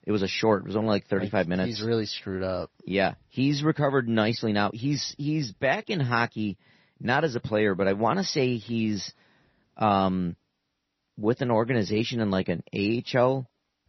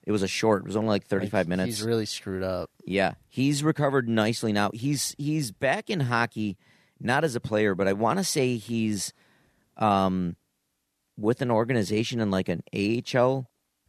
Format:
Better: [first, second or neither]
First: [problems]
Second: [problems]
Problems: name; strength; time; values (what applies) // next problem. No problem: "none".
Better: second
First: garbled, watery; slightly; nothing above 6 kHz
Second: none